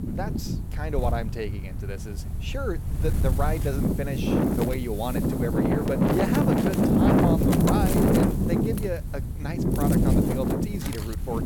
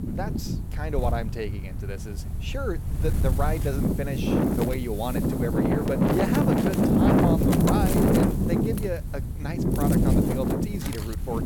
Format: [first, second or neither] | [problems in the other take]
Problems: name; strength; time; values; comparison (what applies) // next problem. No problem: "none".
neither | wind noise on the microphone; heavy; 5 dB above the speech; the same in both